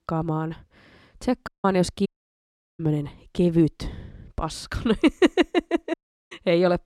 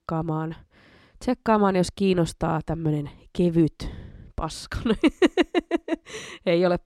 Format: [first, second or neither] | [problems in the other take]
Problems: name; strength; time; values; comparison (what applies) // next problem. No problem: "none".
second | audio cutting out; at 1.5 s, at 2 s for 0.5 s and at 6 s